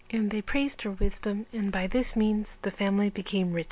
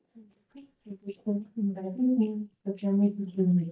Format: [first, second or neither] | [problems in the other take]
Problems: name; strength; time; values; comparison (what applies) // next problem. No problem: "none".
first | noise reduction (neural mask model DeepFilterNet 3)